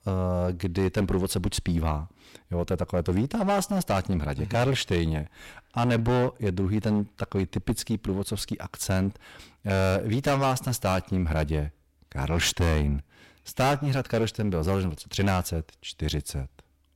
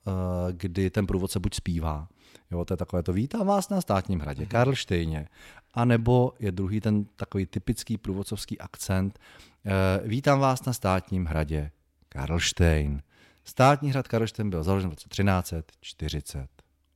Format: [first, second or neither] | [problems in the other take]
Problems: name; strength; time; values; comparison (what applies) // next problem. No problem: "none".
second | distortion; heavy; 14% of the sound clipped